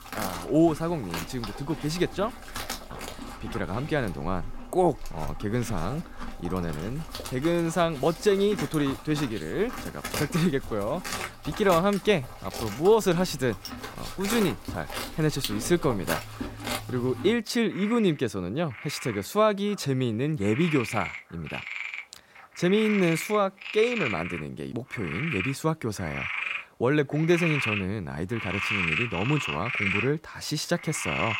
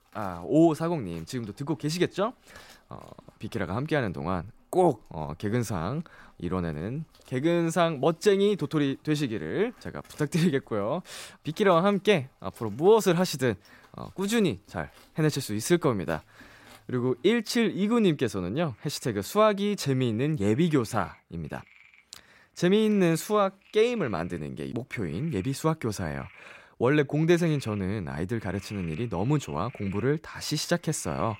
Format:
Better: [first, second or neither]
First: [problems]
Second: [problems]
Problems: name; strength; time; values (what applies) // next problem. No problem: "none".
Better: second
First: animal sounds; loud; throughout; 7 dB below the speech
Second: animal sounds; faint; throughout; 25 dB below the speech